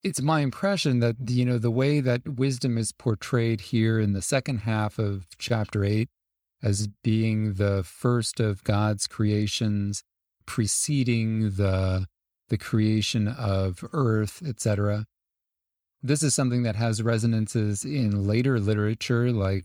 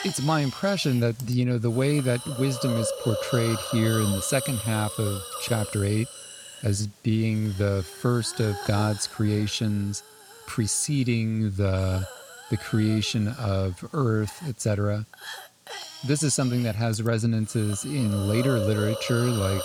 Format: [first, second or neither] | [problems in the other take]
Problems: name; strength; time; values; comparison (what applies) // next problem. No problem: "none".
first | hiss; loud; throughout; 9 dB below the speech